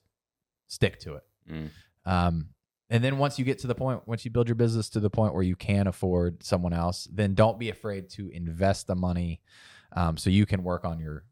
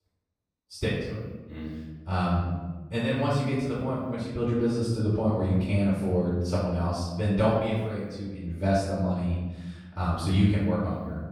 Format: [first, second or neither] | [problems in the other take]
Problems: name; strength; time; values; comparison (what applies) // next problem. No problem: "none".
first | off-mic speech; far // room echo; noticeable; dies away in 1.2 s